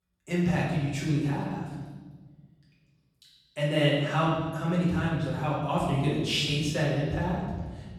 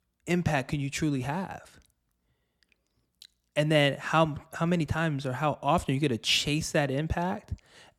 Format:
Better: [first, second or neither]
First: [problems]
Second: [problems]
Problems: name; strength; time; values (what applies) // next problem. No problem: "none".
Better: second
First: off-mic speech; far // room echo; noticeable; dies away in 1.5 s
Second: none